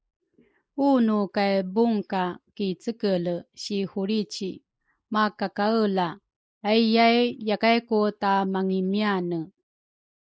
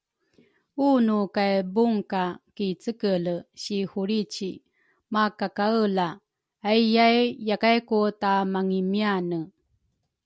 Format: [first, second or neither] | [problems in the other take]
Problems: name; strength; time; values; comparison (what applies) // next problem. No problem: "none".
second | noise reduction (neural mask model Resemble Enhance denoiser)